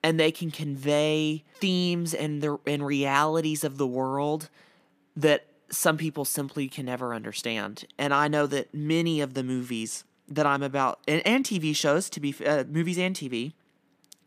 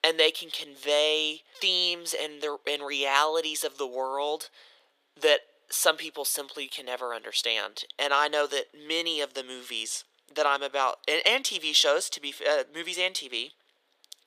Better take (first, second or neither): first